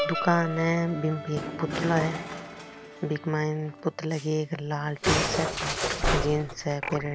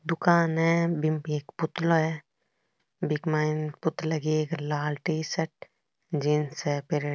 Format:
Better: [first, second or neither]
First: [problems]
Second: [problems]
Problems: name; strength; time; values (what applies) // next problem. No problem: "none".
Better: second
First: background sound (Musical instrument); 3 dB below the speech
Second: none